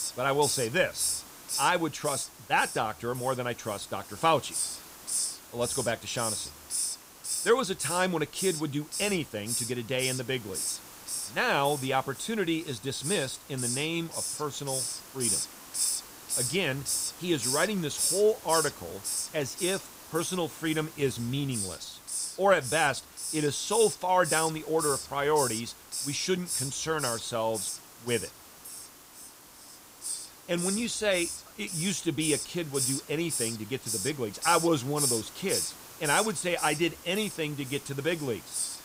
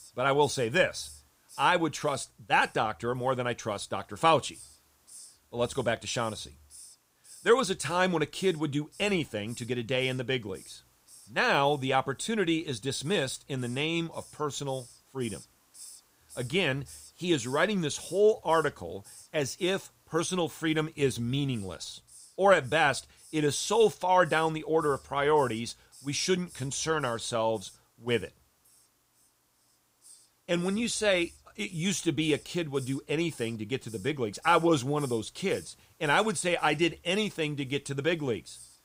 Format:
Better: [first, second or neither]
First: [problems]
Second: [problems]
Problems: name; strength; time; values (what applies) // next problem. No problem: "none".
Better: second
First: hiss; loud; throughout; 3 dB below the speech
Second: hiss; faint; throughout; 25 dB below the speech